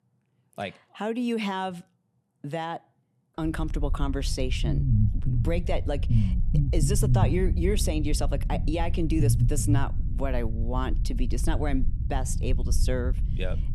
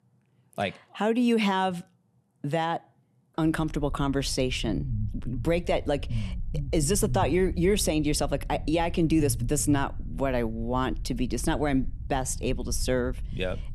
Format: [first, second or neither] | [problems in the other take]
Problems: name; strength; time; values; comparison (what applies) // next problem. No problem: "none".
second | low rumble; loud; from 3.5 s on; 9 dB below the speech; faint in the second